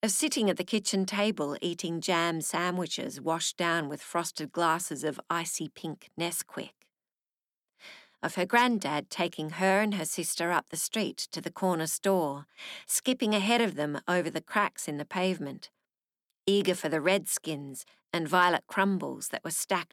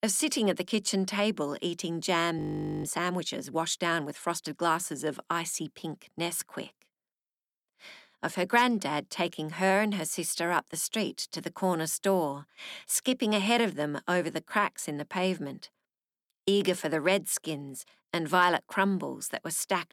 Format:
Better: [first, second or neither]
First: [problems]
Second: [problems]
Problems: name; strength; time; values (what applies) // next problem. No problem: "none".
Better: first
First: none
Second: audio freezing; at 2.5 s